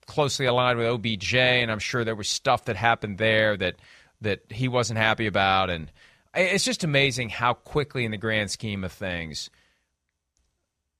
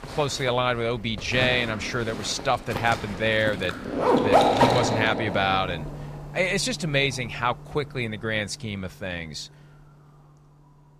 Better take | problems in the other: first | household noises; loud; throughout; 1 dB below the speech

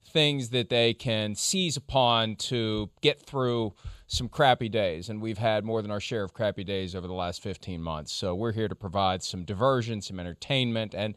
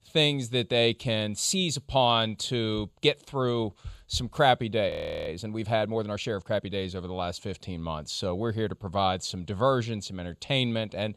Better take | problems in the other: first | audio freezing; at 5 s

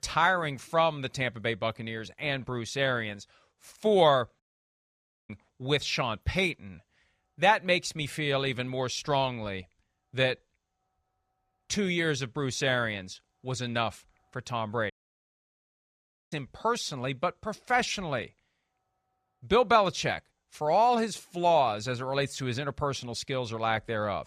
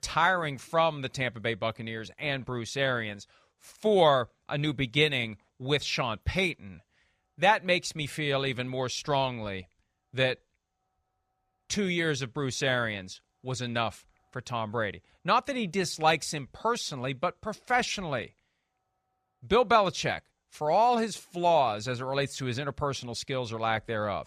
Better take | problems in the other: second | audio cutting out; at 4.5 s for 1 s and at 15 s for 1.5 s

